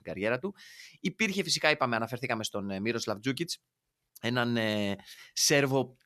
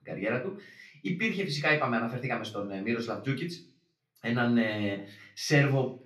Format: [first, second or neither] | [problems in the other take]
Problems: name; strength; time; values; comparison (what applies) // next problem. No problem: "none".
first | room echo; slight; dies away in 0.4 s // off-mic speech; far